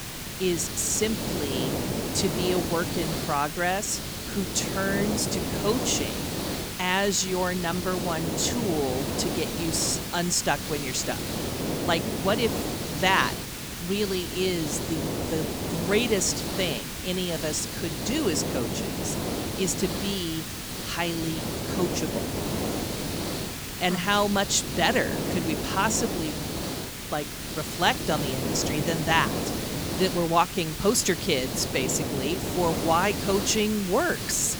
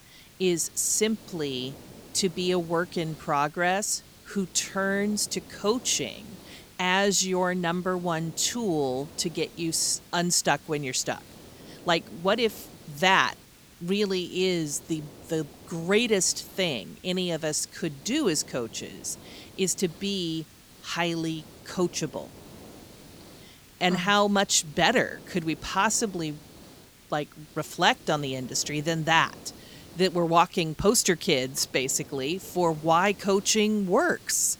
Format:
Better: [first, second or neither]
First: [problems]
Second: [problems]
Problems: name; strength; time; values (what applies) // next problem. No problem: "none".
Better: second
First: hiss; loud; throughout; 3 dB below the speech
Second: hiss; faint; throughout; 20 dB below the speech